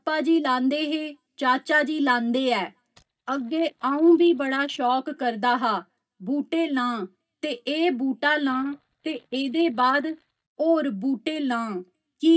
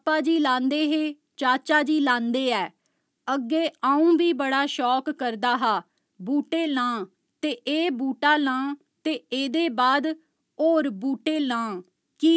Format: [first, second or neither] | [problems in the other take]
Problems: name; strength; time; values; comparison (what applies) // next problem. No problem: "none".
second | noise reduction (neural mask model DeepFilterNet 3)